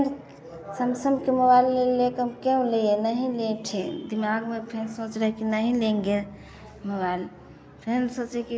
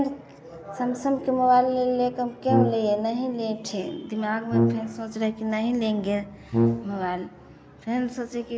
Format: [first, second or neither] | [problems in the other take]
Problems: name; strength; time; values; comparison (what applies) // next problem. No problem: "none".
first | background sound (Brass instrument); 1 dB above the speech